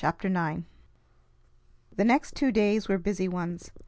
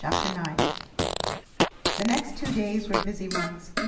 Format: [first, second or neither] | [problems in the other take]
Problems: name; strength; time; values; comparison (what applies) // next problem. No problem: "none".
first | background sound (Fart); 2 dB above the speech // room echo; dies away in 0.9 s